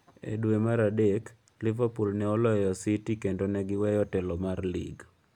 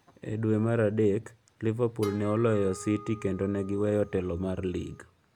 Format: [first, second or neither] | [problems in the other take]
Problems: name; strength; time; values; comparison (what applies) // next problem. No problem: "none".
first | background sound (Harp); 18 dB below the speech